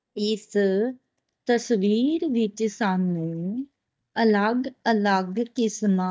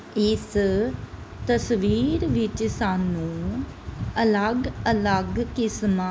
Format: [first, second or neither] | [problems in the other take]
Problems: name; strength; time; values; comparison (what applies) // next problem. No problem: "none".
second | noise reduction (neural mask model DeepFilterNet 3)